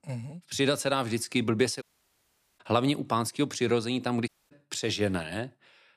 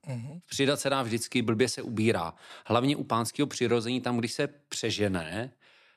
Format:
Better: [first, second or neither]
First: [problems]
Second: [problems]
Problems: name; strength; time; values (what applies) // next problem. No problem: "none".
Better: second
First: audio cutting out; at 2 s for 1 s and at 4.5 s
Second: none